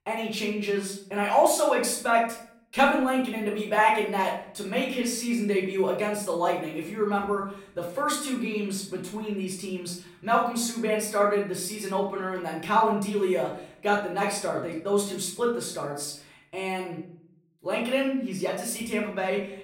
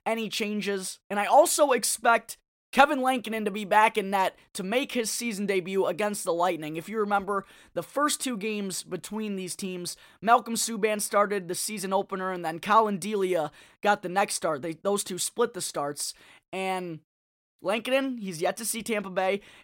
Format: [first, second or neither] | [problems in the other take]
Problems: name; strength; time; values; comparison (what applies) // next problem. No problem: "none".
second | off-mic speech; far // room echo; noticeable; dies away in 0.5 s